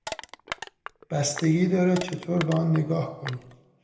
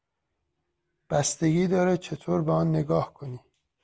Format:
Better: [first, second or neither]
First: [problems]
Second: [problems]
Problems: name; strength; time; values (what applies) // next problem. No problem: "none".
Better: second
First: background sound (Crushing); 14 dB below the speech // room echo; dies away in 0.7 s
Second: none